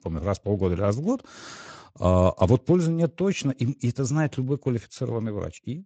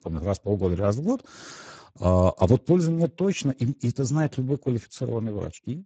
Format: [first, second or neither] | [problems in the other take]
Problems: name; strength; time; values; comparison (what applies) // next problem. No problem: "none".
first | garbled, watery; badly; nothing above 7.5 kHz; slightly in the first